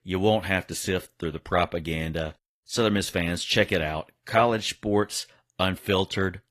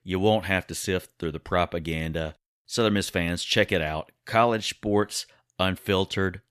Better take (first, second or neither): second